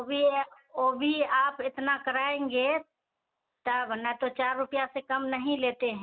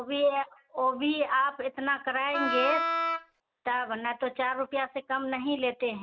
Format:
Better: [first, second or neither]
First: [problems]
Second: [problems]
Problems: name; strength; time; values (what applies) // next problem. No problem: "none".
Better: first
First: none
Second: background sound (Wind instrument, woodwind instrument); as loud as the speech